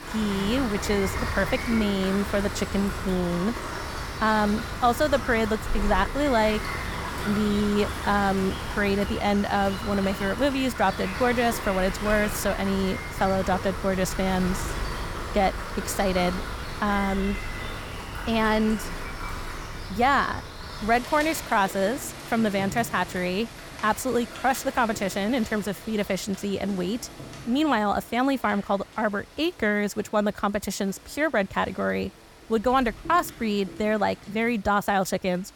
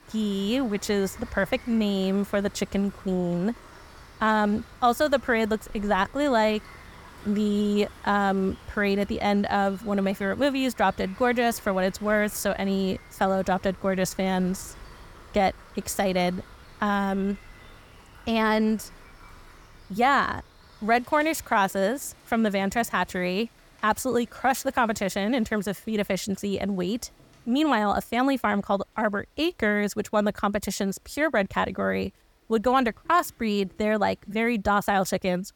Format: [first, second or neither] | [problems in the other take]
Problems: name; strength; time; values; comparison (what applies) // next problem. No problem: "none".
second | rain or running water; loud; throughout; 8 dB below the speech; faint in the second